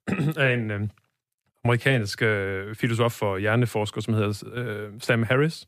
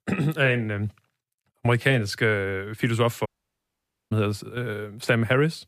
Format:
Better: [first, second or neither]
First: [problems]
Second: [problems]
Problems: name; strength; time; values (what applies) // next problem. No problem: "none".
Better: first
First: none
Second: audio cutting out; at 3.5 s for 1 s